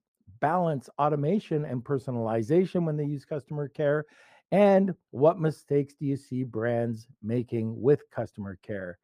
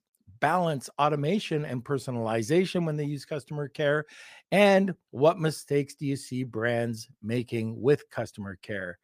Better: second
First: muffled; slightly; fading above 1.5 kHz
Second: none

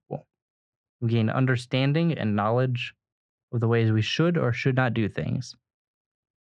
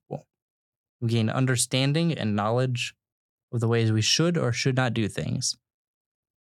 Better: second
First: muffled; very; fading above 2 kHz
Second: none

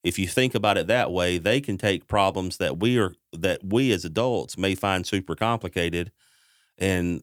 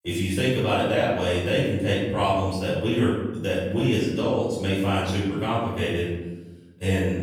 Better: first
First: none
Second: off-mic speech; far // room echo; strong; dies away in 1.1 s

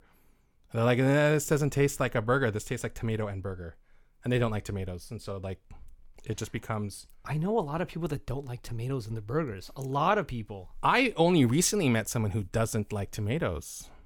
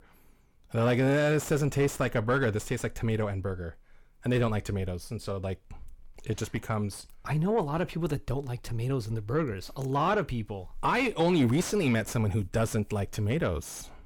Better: first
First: none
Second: distortion; slight; 9 dB below the speech

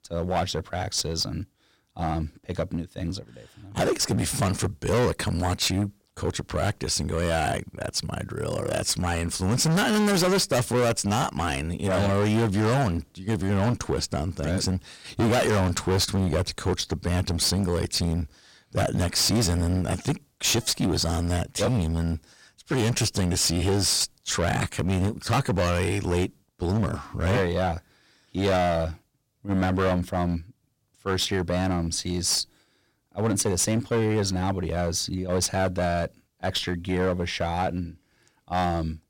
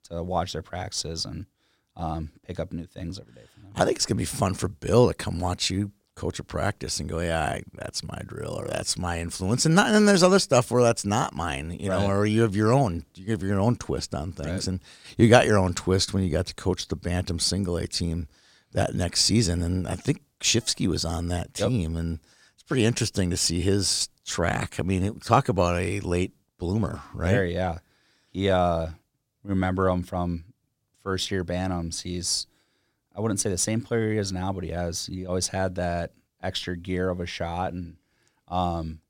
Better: second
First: distortion; heavy; 13% of the sound clipped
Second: none

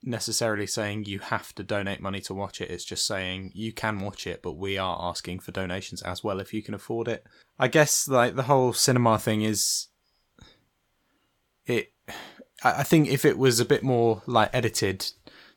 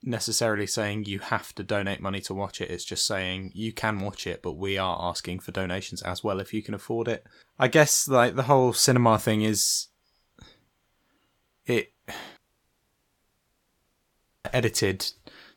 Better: first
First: none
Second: audio cutting out; at 12 s for 2 s

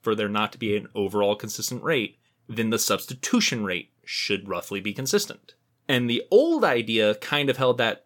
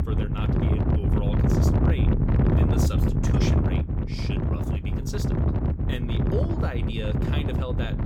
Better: first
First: none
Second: wind noise on the microphone; heavy; 4 dB above the speech

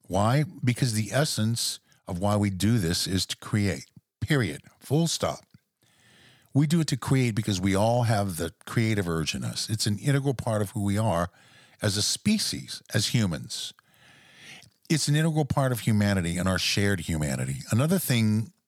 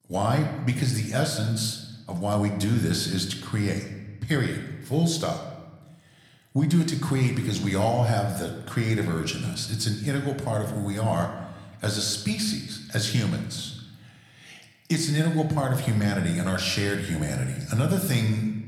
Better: first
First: none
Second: room echo; slight; dies away in 0.9 s

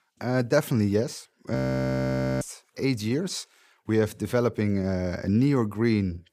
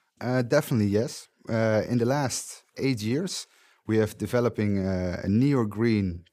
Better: second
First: audio freezing; at 1.5 s for 1 s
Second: none

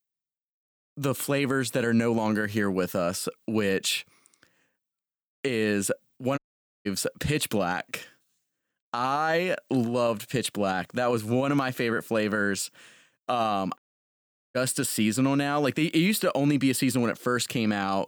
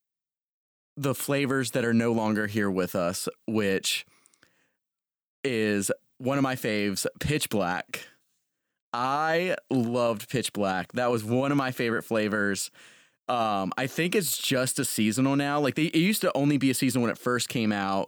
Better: second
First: audio cutting out; at 6.5 s and at 14 s for 1 s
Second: none

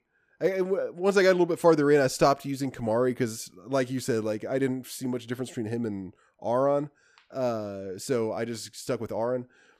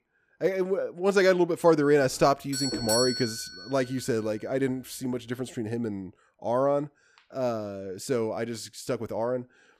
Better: first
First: none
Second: doorbell; loud; from 2 to 3.5 s; peak 1 dB above the speech

